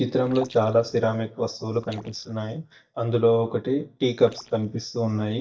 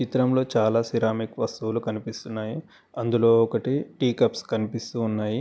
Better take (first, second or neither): second